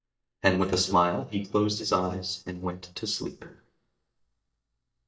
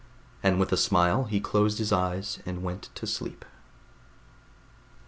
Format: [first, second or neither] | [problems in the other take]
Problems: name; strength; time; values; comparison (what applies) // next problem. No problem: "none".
second | noise reduction (neural mask model DeepFilterNet 3)